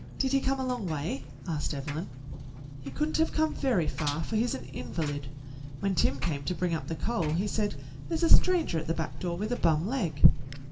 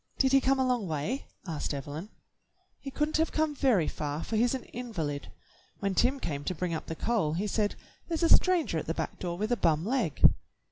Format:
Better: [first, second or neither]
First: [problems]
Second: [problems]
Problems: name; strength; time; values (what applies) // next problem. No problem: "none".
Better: second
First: background sound (Engine); 13 dB below the speech // room echo; dies away in 0.7 s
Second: none